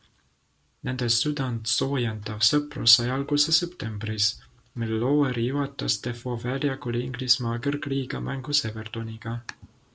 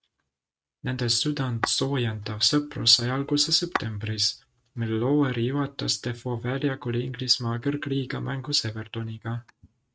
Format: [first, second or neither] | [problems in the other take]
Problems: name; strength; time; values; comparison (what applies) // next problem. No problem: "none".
first | noise reduction (neural mask model RNNoise)